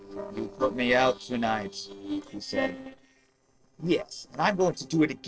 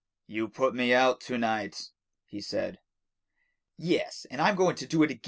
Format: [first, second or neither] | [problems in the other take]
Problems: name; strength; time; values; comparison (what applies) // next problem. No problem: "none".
second | noise reduction (neural separator model SepFormer DNS4)